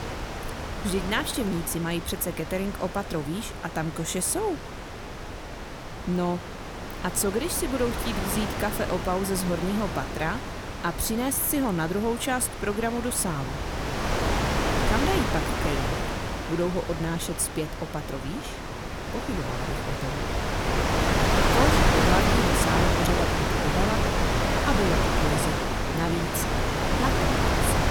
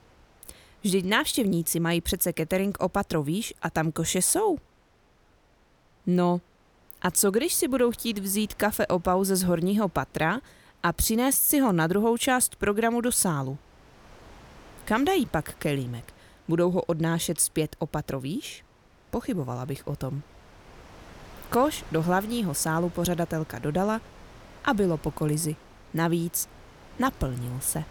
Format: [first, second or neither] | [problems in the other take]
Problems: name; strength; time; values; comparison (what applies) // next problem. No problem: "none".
second | wind noise on the microphone; heavy; 2 dB above the speech; occasional gusts in the second